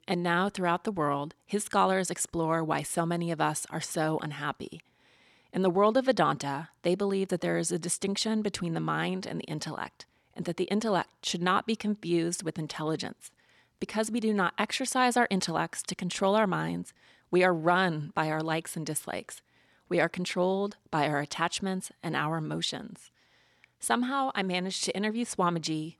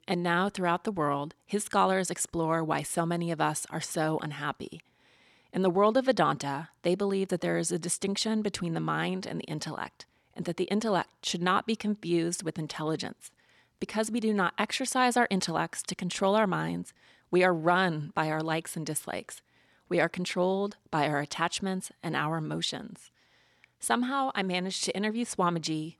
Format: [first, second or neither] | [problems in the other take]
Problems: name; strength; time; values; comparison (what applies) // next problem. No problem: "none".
neither | none